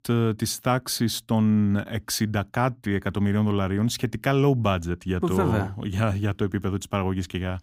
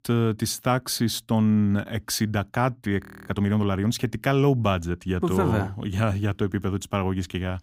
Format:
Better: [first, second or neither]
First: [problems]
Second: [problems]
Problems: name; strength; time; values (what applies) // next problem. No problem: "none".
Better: first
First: none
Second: audio freezing; at 3 s